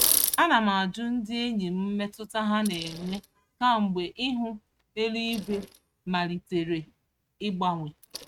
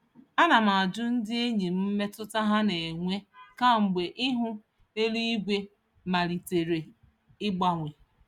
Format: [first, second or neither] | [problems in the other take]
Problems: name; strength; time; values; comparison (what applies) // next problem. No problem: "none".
second | noise reduction (neural mask model RNNoise)